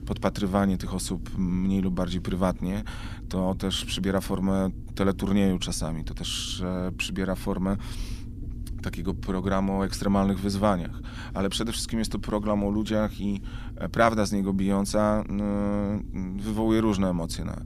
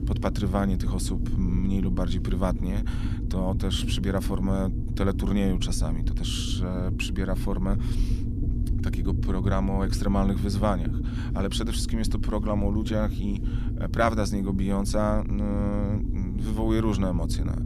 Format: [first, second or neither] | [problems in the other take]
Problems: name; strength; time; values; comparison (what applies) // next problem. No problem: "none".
first | low rumble; loud; throughout; 9 dB below the speech; faint in the first